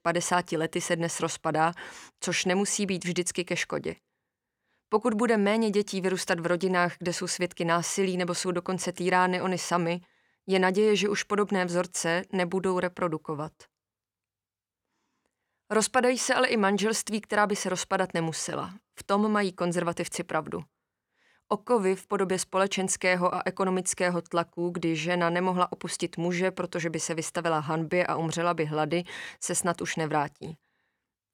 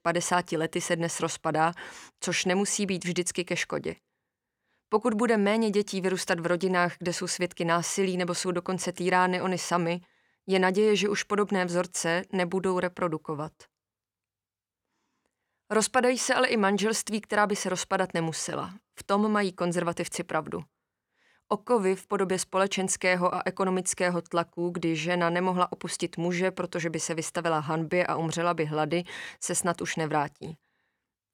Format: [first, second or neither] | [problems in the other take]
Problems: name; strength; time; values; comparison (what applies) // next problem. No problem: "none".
neither | none